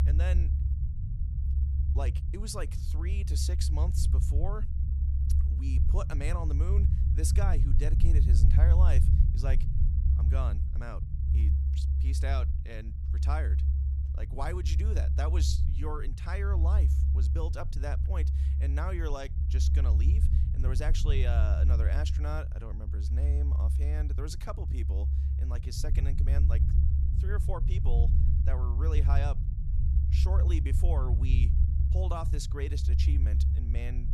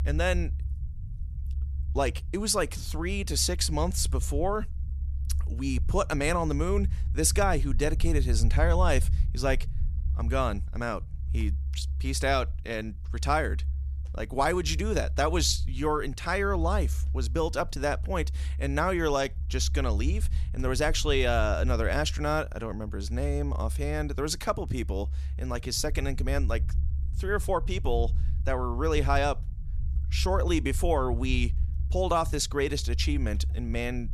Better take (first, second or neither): second